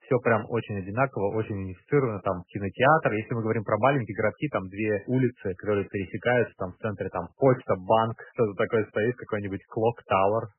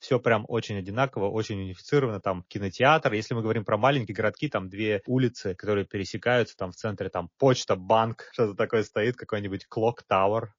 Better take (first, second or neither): second